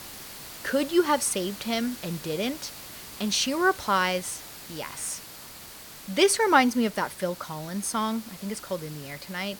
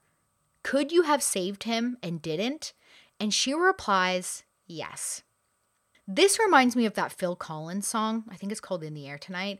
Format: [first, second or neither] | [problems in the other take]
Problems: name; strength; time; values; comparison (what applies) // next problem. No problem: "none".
second | hiss; noticeable; throughout; 15 dB below the speech